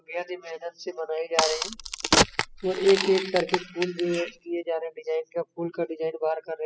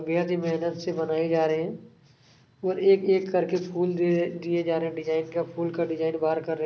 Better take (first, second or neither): second